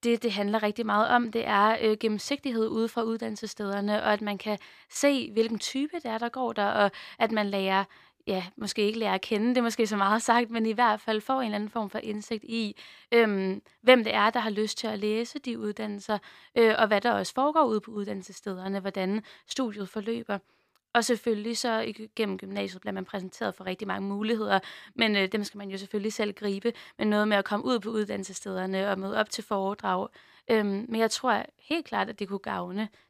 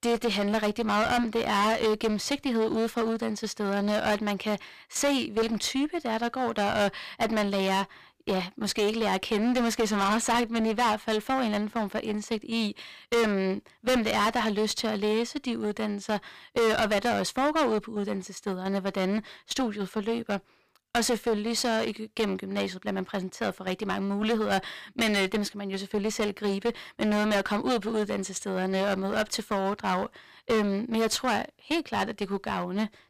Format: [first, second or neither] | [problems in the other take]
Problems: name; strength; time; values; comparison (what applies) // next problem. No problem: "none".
first | distortion; heavy; 14% of the sound clipped